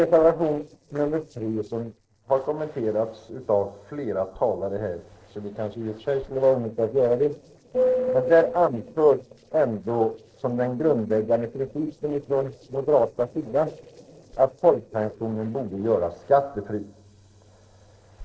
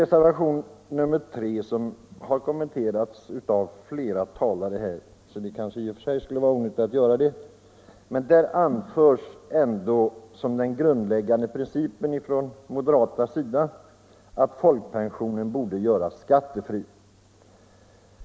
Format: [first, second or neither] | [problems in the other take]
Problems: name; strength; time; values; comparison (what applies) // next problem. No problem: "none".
second | noise reduction (neural separator model SepFormer DNS4)